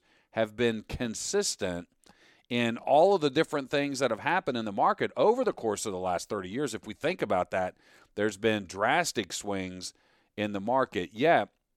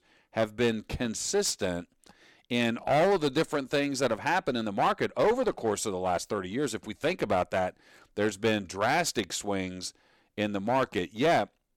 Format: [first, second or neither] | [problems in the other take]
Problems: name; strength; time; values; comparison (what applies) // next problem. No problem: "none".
first | distortion; slight; 7% of the sound clipped